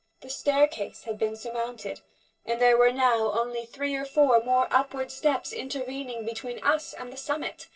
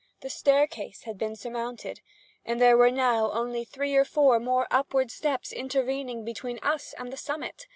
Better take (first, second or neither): second